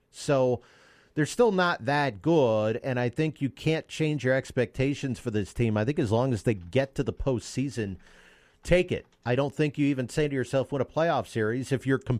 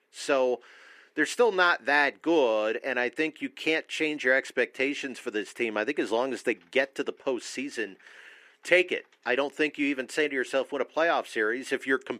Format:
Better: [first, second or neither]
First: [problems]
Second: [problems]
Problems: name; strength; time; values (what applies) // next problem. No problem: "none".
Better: first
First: none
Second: thin; somewhat; fading below 300 Hz